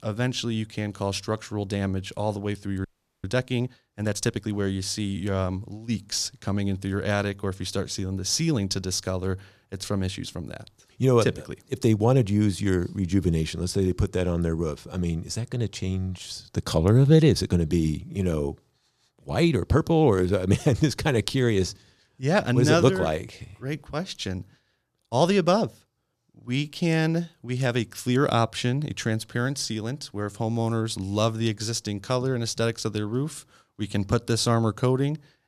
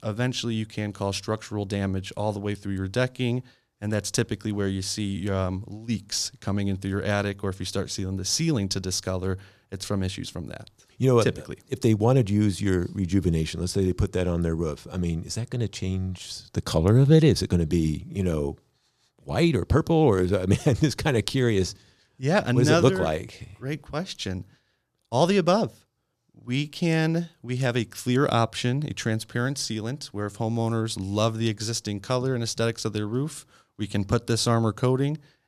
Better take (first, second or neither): second